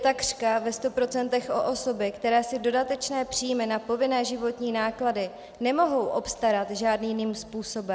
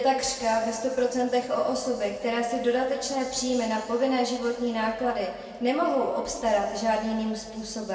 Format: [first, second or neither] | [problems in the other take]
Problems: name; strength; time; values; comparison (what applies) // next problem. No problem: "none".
first | room echo; dies away in 1.9 s